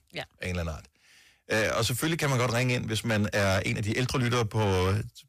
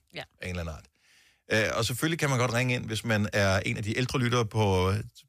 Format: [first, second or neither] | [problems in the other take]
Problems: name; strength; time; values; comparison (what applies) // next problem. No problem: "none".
second | distortion; slight; 10 dB below the speech